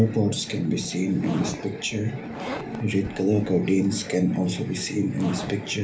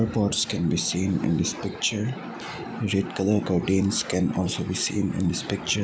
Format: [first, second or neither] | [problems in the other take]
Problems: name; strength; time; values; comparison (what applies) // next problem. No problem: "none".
second | background sound (Zipper (clothing)); 16 dB below the speech // room echo; dies away in 0.3 s